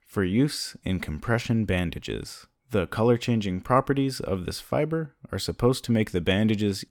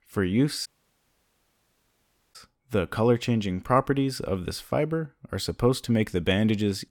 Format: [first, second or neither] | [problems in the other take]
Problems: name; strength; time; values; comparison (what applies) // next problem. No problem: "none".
first | audio cutting out; at 0.5 s for 1.5 s